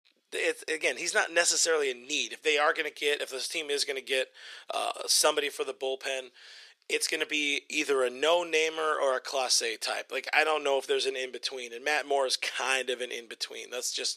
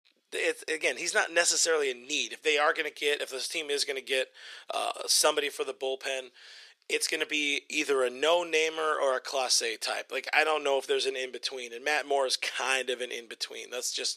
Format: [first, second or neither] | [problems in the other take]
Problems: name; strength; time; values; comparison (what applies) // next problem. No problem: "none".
neither | thin; very; fading below 400 Hz; the same in both